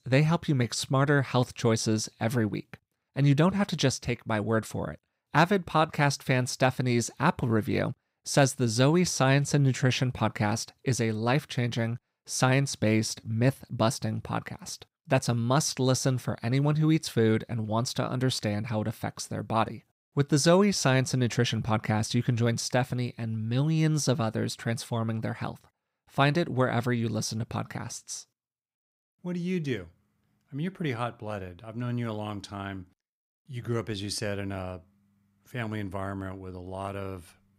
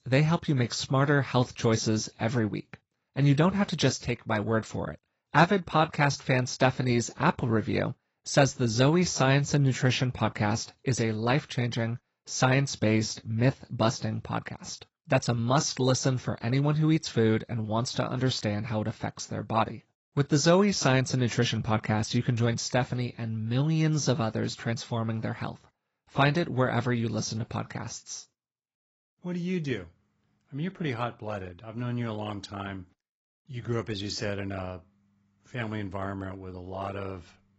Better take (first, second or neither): first